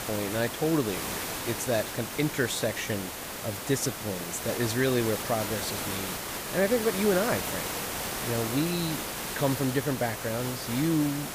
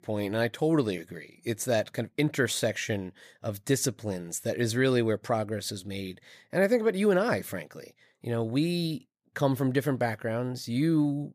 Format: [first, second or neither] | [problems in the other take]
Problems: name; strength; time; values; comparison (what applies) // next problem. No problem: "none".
second | hiss; loud; throughout; 3 dB below the speech